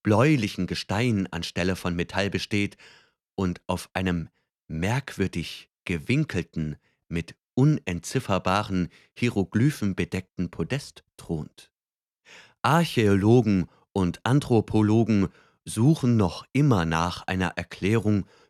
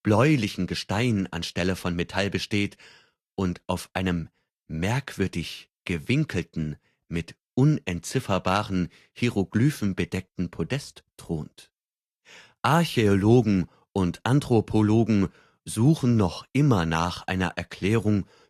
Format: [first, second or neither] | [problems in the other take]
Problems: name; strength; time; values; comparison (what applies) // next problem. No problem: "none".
first | garbled, watery; slightly; nothing above 12.5 kHz